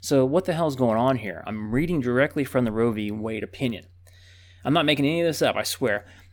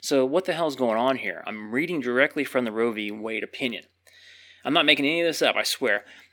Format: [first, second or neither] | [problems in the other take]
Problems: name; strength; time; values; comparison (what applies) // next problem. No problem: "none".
first | thin; very slightly; fading below 300 Hz